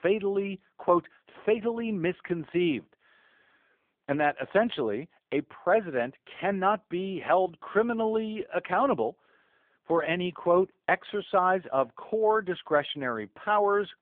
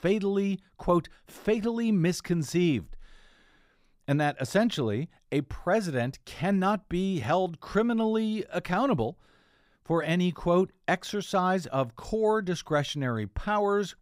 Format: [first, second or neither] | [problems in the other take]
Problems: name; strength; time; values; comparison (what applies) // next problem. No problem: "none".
second | phone-call audio; poor line; nothing above 3.5 kHz